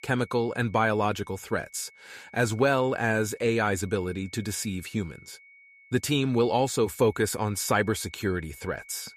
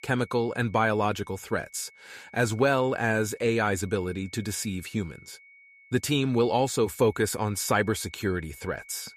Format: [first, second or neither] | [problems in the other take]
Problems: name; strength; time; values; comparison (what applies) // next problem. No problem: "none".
neither | high-pitched whine; faint; throughout; 2 kHz, 25 dB below the speech; the same in both